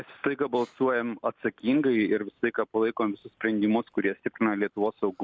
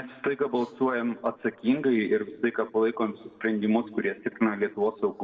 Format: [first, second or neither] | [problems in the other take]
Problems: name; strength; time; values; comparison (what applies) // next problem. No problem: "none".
first | noise reduction (neural separator model SepFormer DNS4)